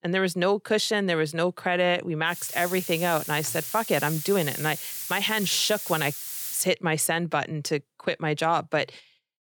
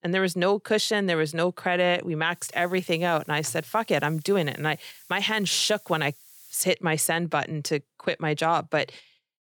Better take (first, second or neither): second